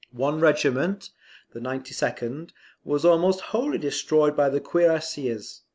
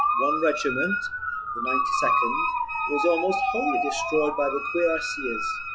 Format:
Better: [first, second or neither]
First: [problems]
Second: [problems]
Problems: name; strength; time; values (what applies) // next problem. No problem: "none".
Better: first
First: none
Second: noise reduction (classical method log-MMSE)